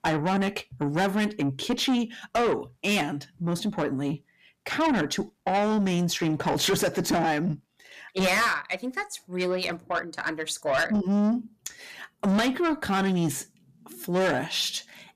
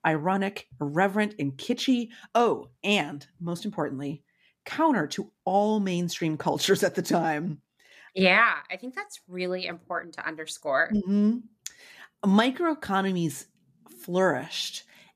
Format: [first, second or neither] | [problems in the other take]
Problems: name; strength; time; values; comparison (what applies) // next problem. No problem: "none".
second | distortion; heavy; 7 dB below the speech